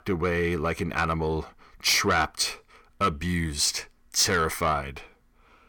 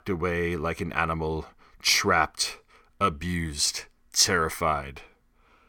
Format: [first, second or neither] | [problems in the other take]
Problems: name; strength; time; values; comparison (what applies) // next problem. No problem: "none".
second | distortion; slight; 10 dB below the speech